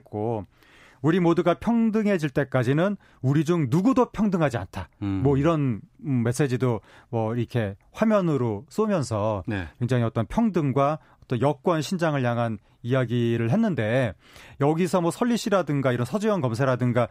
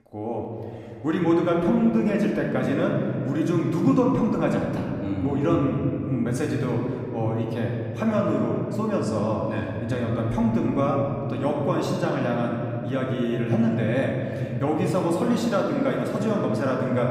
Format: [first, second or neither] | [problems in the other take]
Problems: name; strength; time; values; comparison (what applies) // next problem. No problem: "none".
first | room echo; noticeable; dies away in 3 s // off-mic speech; somewhat distant